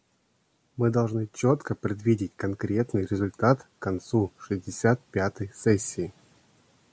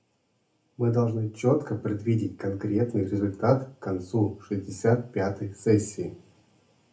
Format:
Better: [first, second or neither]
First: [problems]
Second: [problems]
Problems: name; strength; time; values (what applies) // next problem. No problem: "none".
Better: first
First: none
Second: room echo; dies away in 0.3 s